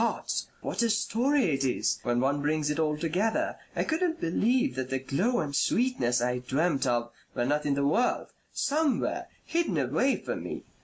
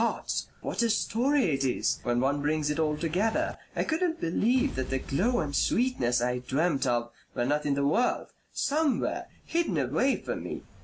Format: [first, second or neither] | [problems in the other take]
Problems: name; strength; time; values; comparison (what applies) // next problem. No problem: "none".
first | background sound (Explosion); 18 dB below the speech